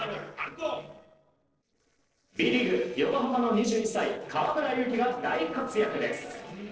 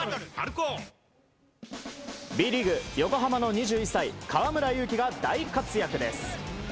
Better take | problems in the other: second | noise reduction (neural separator model SepFormer DNS4)

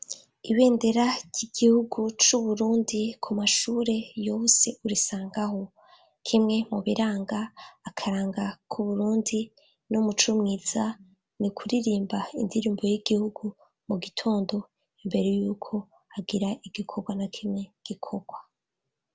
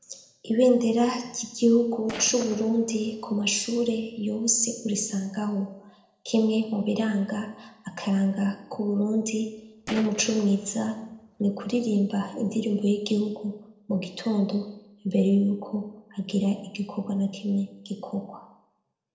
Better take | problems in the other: first | noise reduction (neural separator model SepFormer DNS4)

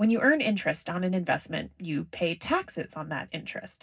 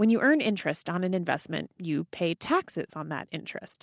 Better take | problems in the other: second | room echo; dies away in 0.4 s

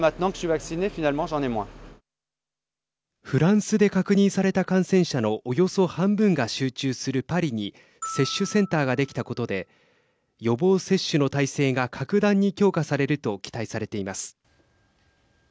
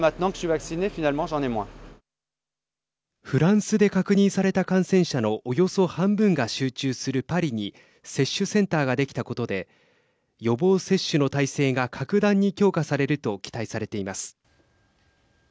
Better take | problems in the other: second | background sound (Glockenspiel); 18 dB below the speech

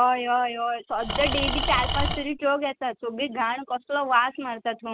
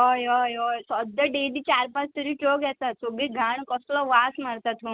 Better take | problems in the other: second | background sound (Engine / Tools); 2 dB below the speech

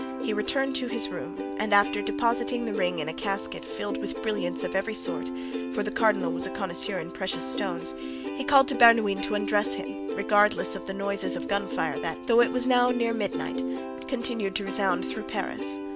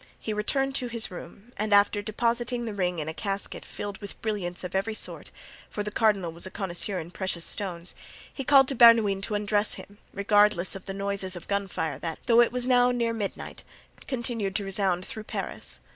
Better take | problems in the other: second | background sound (Plucked string instrument); 5 dB below the speech

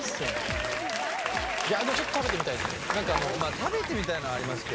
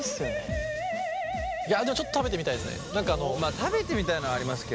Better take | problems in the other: second | background sound (Applause / Crowd); 1 dB below the speech

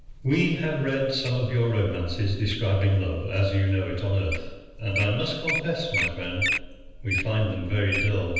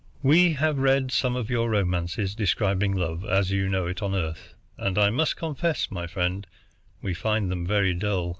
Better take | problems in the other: second | background sound (Wild animals); 8 dB below the speech // room echo; dies away in 1.1 s

